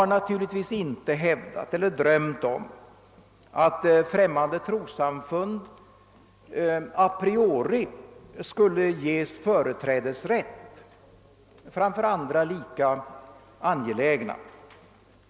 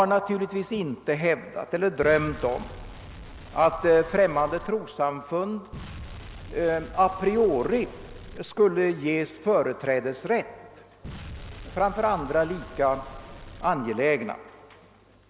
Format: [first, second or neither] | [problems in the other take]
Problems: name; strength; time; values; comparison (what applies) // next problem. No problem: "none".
first | background sound (Explosion); 15 dB below the speech